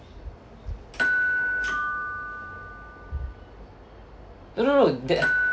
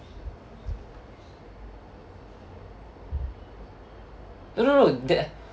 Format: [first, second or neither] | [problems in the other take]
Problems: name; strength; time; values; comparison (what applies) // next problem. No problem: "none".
second | background sound (Door / Bell); as loud as the speech